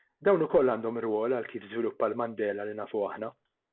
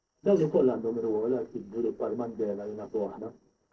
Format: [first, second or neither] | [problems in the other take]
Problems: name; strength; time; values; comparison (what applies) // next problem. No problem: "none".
first | noise reduction (neural separator model SepFormer DNS4)